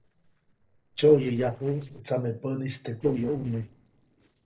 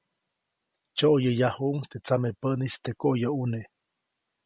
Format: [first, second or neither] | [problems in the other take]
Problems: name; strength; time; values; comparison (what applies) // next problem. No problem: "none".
second | noise reduction (neural separator model SepFormer DNS4)